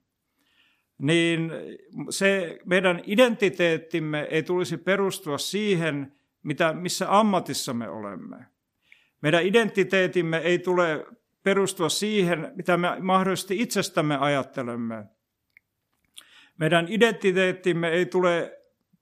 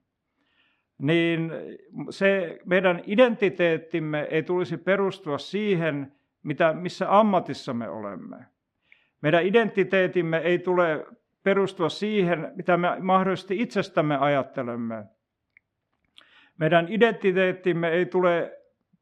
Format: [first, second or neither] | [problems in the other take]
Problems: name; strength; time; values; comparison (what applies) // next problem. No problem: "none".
first | muffled; slightly; fading above 3 kHz